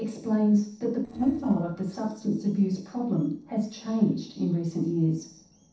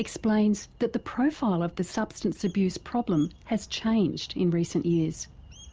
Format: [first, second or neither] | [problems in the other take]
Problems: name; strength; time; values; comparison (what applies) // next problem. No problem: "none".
second | noise reduction (neural separator model SepFormer DNS4)